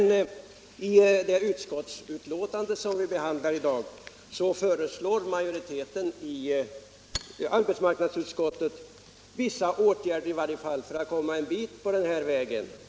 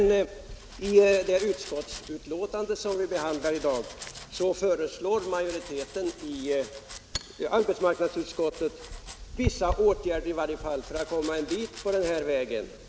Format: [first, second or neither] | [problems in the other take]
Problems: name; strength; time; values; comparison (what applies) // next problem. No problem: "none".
first | background sound (Domestic sounds, home sounds); 13 dB below the speech